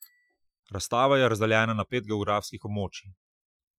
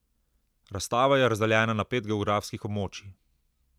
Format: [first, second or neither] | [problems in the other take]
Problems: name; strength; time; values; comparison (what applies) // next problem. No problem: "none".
second | noise reduction (classical method Wiener filter)